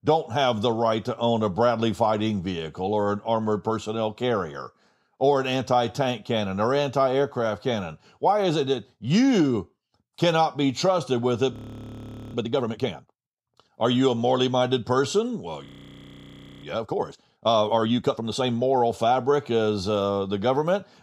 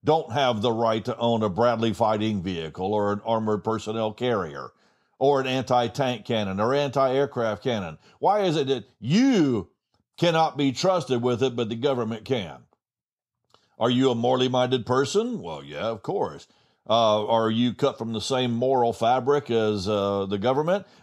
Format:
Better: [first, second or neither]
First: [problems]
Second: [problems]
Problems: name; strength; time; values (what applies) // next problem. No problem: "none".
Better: second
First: audio freezing; at 12 s for 1 s and at 16 s for 1 s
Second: none